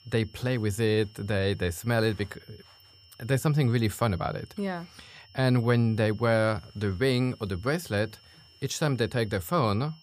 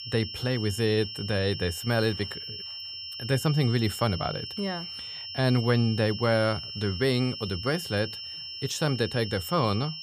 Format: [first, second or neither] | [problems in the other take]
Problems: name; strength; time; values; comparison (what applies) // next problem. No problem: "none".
first | high-pitched whine; loud; throughout; 5.5 kHz, 8 dB below the speech; faint in the first